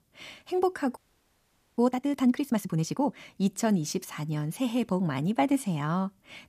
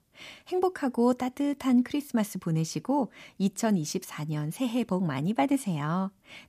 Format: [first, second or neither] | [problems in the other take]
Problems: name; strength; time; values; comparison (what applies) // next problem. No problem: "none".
second | audio freezing; at 1 s for 1 s